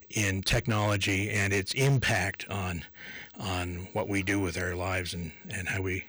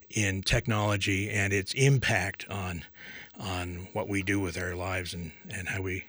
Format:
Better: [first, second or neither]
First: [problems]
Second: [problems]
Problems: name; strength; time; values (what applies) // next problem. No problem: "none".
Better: second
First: distortion; slight; 6% of the sound clipped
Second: none